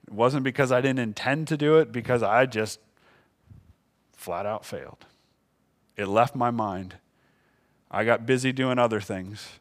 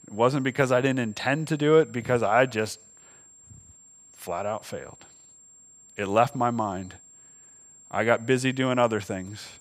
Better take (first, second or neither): first